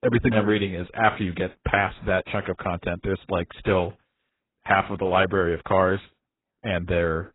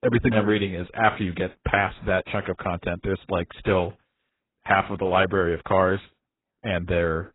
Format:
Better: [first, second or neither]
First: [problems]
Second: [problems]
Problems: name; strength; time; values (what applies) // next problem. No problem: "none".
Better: neither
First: garbled, watery; badly; nothing above 3.5 kHz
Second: garbled, watery; badly; nothing above 3.5 kHz